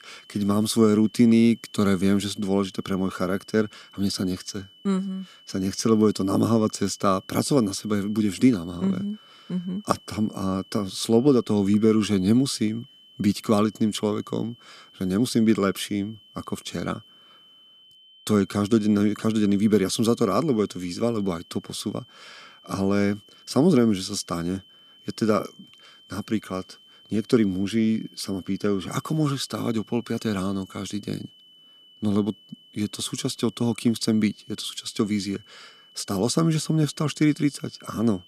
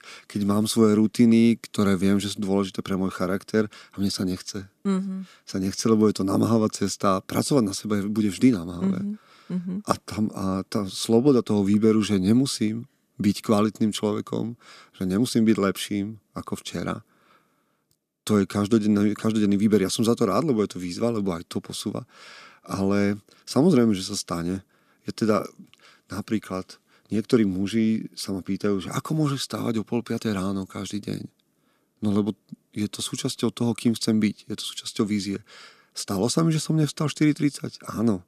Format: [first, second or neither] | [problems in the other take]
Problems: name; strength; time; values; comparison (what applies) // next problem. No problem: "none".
second | high-pitched whine; faint; throughout; 3 kHz, 25 dB below the speech